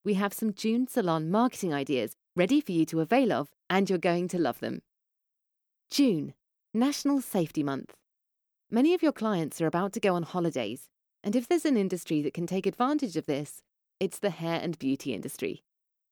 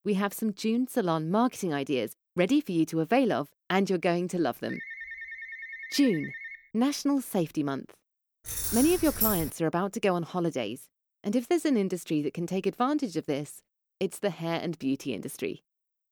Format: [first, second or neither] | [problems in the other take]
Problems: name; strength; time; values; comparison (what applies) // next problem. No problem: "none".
first | phone ringing; noticeable; from 4.5 to 6.5 s; peak 10 dB below the speech // jangling keys; loud; from 8.5 to 9.5 s; peak 2 dB above the speech